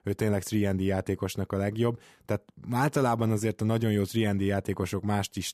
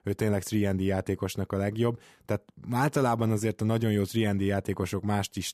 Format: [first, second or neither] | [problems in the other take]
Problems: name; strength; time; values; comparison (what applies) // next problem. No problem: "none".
neither | none